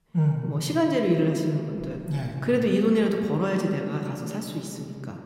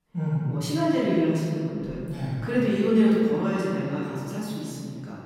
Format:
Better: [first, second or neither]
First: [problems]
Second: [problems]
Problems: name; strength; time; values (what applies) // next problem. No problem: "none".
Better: first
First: room echo; slight; dies away in 2.1 s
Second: room echo; strong; dies away in 1.9 s // off-mic speech; far